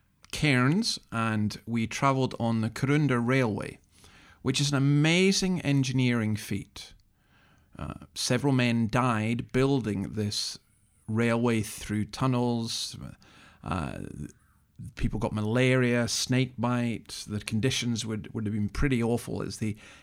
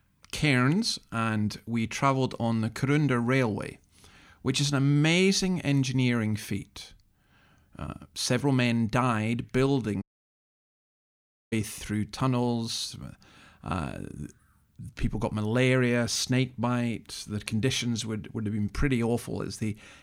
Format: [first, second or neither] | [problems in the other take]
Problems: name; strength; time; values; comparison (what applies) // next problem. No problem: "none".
first | audio cutting out; at 10 s for 1.5 s